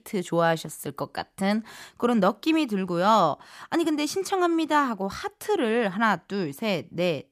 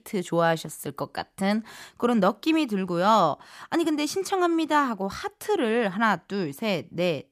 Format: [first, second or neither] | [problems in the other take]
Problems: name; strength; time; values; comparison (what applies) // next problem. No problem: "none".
neither | none